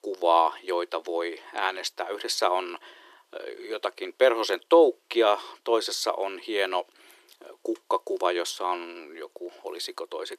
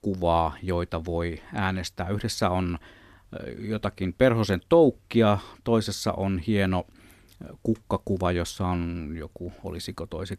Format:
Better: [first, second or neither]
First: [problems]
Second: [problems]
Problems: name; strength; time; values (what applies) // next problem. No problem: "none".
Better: second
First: thin; very; fading below 350 Hz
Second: none